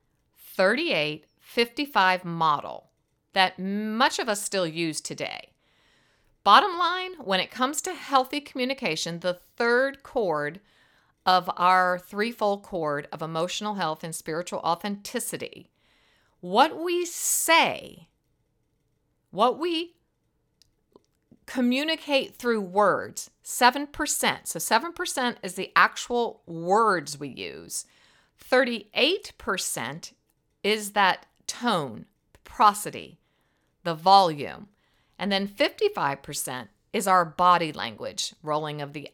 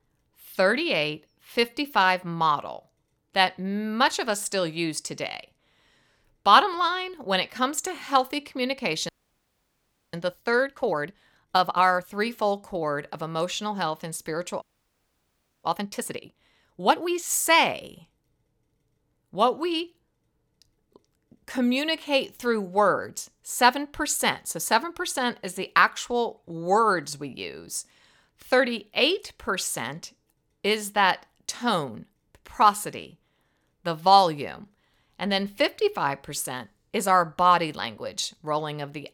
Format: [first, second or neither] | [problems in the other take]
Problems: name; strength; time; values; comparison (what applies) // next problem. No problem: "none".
first | audio freezing; at 9 s for 1 s and at 15 s for 1 s